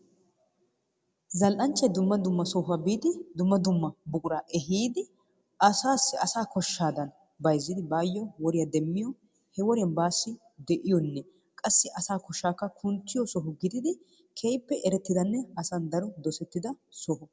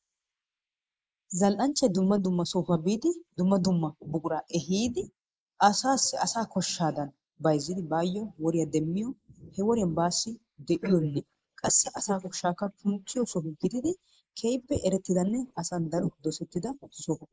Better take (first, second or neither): first